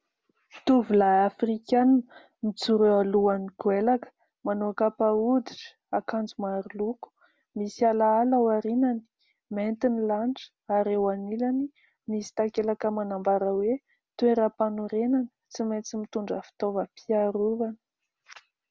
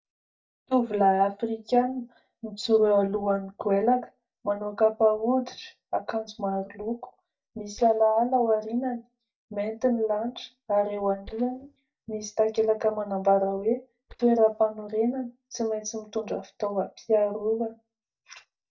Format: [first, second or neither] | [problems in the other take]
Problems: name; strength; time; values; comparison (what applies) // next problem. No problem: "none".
first | noise reduction (neural mask model DeepFilterNet 3)